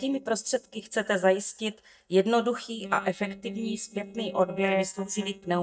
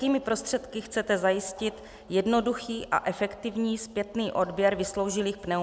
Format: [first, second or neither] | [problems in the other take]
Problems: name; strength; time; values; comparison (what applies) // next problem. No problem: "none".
second | noise reduction (neural mask model DeepFilterNet 3)